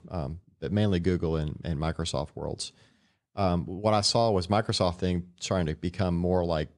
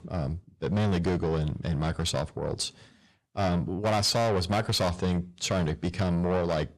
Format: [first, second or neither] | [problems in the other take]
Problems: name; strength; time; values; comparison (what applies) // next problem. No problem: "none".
first | distortion; heavy; 7 dB below the speech